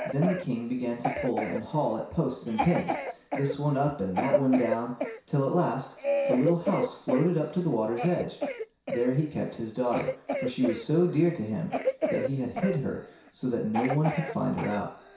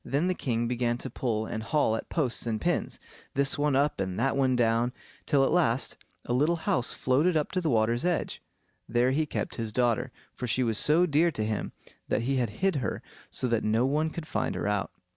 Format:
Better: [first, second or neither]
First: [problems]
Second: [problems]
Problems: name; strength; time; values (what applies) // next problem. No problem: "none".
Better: second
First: background sound (Cough); 5 dB below the speech // room echo; dies away in 0.6 s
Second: none